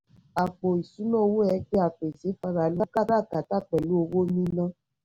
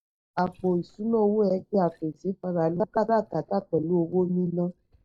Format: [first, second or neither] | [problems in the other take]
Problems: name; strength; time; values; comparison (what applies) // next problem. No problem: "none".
first | noise reduction (neural mask model DeepFilterNet 3)